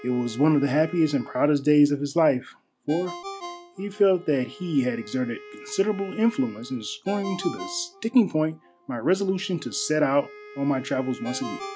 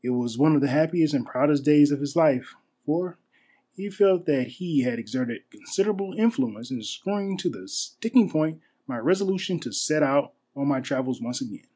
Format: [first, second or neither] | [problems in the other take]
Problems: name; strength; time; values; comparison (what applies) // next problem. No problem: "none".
second | background sound (Wind instrument, woodwind instrument + Ringtone); 17 dB below the speech